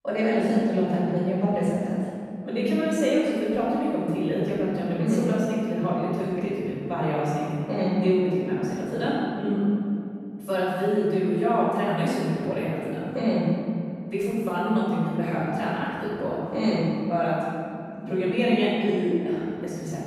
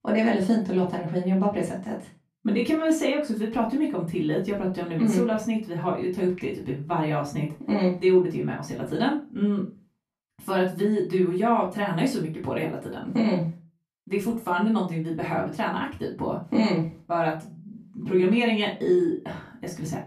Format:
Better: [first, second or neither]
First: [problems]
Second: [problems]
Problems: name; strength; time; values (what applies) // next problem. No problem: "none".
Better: second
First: room echo; strong; dies away in 2.3 s // off-mic speech; far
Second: room echo; slight; dies away in 0.3 s // off-mic speech; far